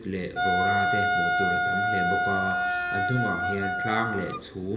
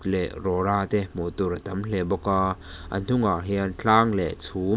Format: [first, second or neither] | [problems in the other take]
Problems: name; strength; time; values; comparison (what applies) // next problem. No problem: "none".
second | background sound (Wind instrument, woodwind instrument); 5 dB above the speech // room echo; dies away in 1.4 s